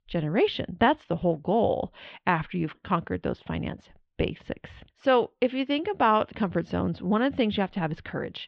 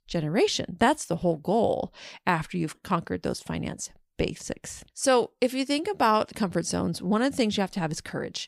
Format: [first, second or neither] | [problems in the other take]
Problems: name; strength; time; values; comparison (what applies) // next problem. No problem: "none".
second | muffled; very; fading above 3.5 kHz